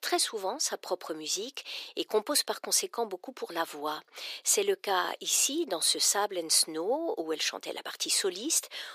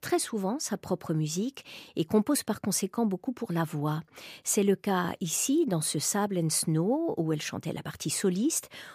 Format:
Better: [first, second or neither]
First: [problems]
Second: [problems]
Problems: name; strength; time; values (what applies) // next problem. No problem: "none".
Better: second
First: thin; very; fading below 400 Hz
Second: none